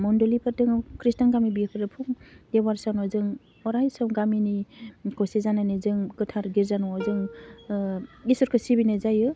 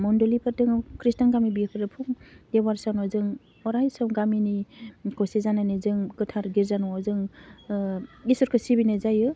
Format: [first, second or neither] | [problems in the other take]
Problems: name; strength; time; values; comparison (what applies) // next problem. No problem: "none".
second | background sound (Plucked string instrument); 17 dB below the speech